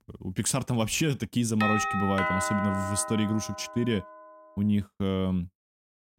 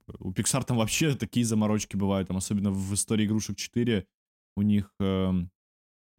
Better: second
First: doorbell; loud; from 1.5 to 4 s; peak 1 dB above the speech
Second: none

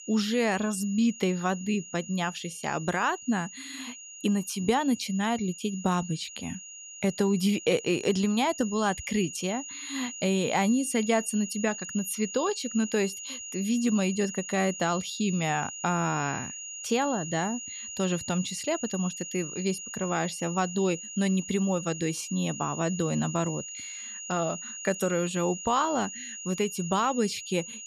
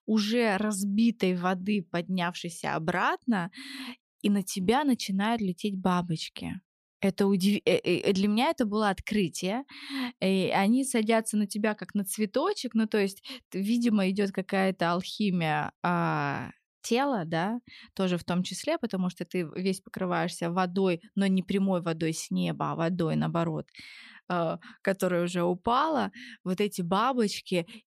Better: second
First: high-pitched whine; loud; throughout; 7 kHz, 9 dB below the speech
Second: none

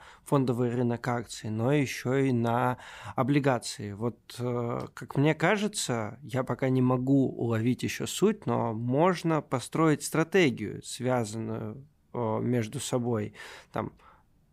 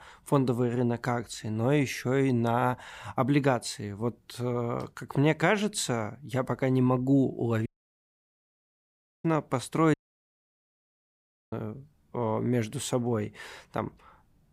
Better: first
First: none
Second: audio cutting out; at 7.5 s for 1.5 s and at 10 s for 1.5 s

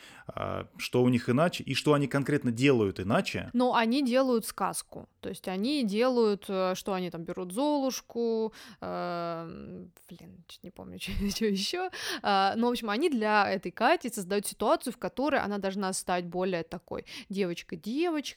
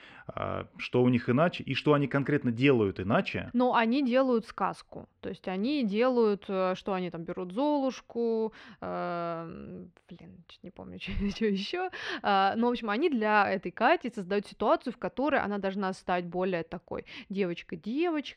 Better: first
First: none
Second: muffled; slightly; fading above 2.5 kHz

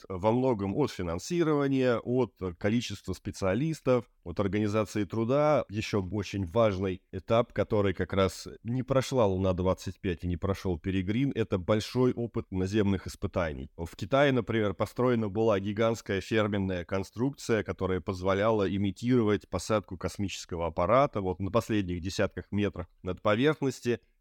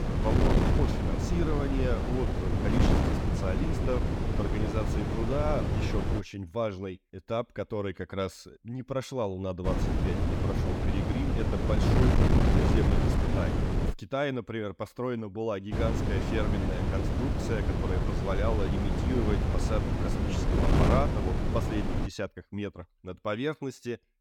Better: first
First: none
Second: wind noise on the microphone; heavy; until 6 s, from 9.5 to 14 s and from 16 to 22 s; 1 dB above the speech

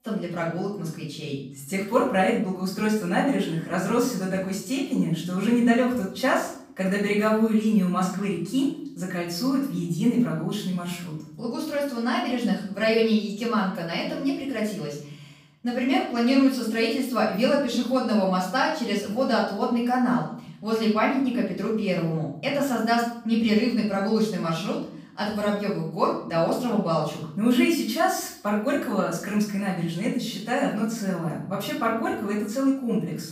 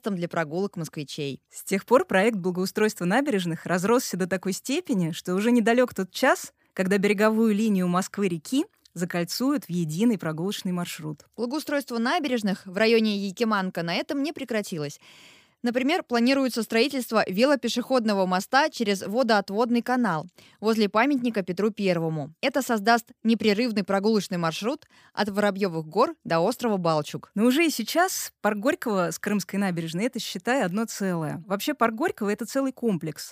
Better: second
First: off-mic speech; far // room echo; noticeable; dies away in 0.7 s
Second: none

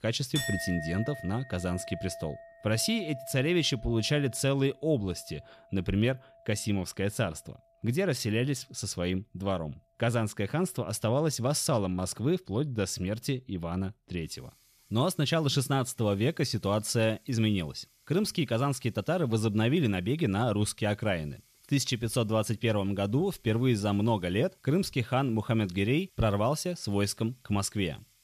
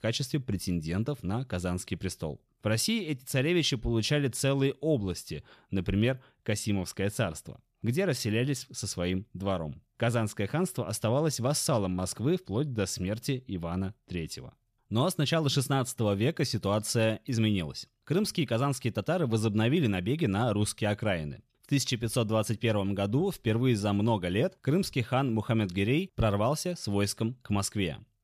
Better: second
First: household noises; noticeable; throughout; 10 dB below the speech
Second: none

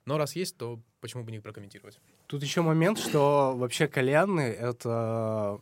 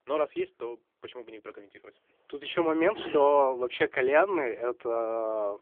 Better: first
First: none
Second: phone-call audio; poor line; nothing above 3.5 kHz

